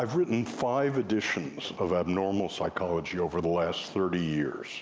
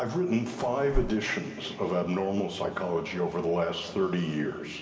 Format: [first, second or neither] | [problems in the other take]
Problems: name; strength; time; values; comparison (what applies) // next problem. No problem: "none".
first | background sound (Bird); 8 dB below the speech // room echo; dies away in 2.3 s